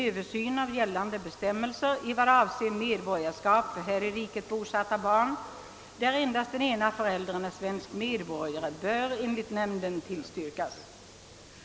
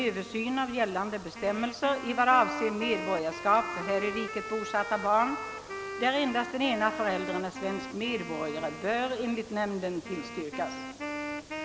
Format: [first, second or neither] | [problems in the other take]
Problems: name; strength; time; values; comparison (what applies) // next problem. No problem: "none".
first | background sound (Wind instrument, woodwind instrument); 9 dB below the speech